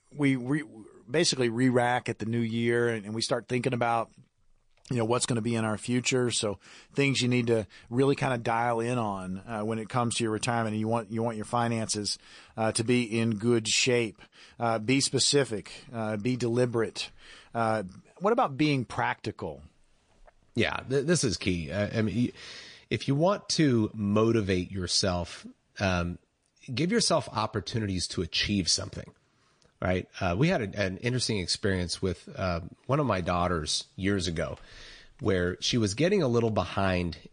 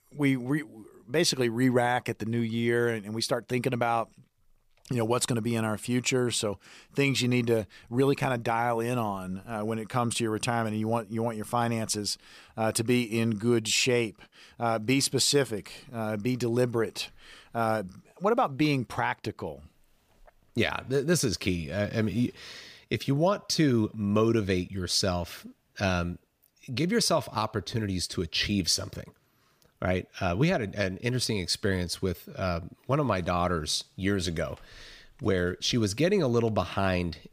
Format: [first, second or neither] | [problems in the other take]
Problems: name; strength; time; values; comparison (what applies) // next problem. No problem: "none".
second | garbled, watery; slightly; nothing above 9 kHz